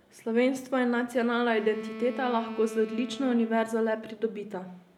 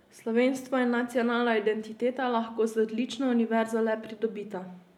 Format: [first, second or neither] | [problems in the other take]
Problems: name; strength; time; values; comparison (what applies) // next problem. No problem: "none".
second | background sound (Wind instrument, woodwind instrument); 13 dB below the speech